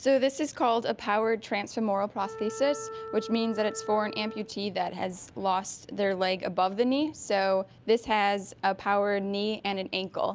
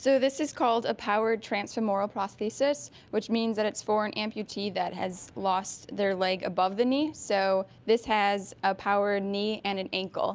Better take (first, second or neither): second